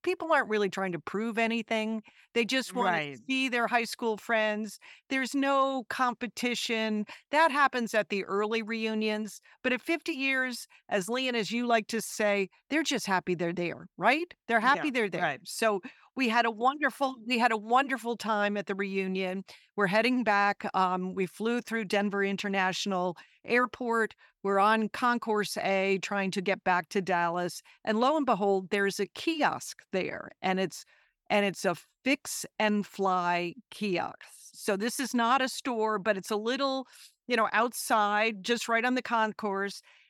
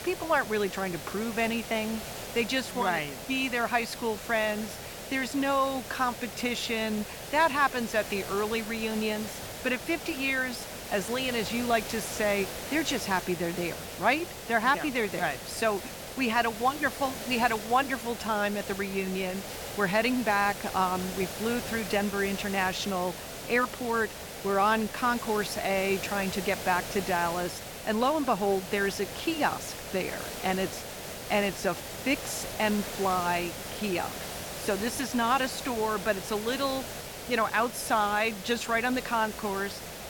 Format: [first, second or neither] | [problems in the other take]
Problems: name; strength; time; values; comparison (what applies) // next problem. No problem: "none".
first | hiss; loud; throughout; 9 dB below the speech